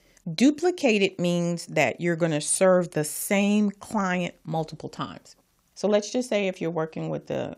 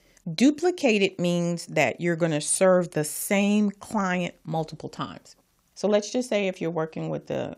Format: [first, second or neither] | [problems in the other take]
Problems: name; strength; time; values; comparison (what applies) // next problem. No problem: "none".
neither | none